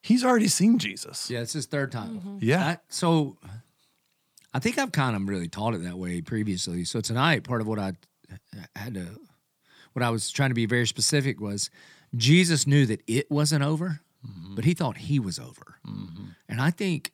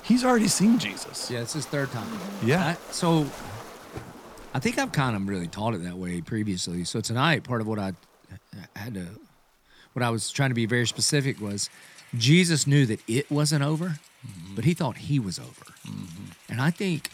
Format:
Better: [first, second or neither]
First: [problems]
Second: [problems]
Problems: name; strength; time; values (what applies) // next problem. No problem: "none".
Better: first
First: none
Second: rain or running water; noticeable; throughout; 20 dB below the speech